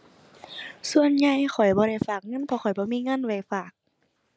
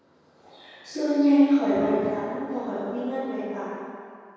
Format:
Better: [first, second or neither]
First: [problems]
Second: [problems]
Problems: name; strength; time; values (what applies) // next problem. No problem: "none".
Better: first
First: none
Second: room echo; dies away in 2.2 s